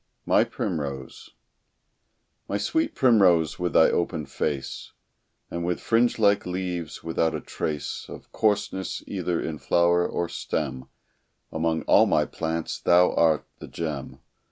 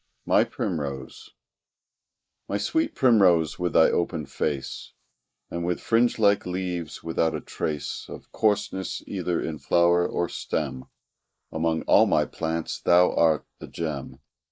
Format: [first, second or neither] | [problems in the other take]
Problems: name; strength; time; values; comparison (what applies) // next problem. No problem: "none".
first | noise reduction (neural mask model Resemble Enhance denoiser)